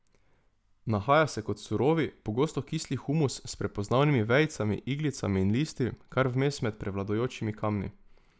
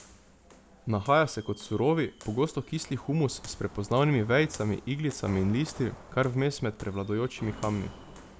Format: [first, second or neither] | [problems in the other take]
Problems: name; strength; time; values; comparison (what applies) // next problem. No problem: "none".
first | background sound (Walk, footsteps); 19 dB below the speech